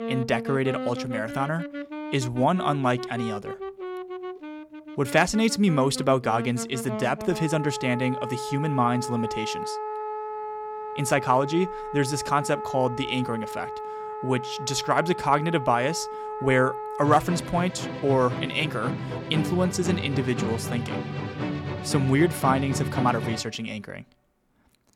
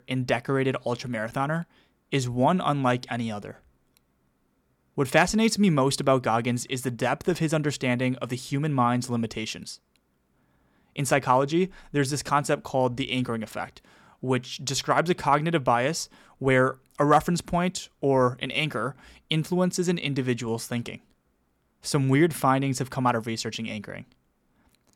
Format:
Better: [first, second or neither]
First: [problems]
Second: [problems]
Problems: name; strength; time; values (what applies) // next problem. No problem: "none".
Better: second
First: background music; loud; throughout; 8 dB below the speech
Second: none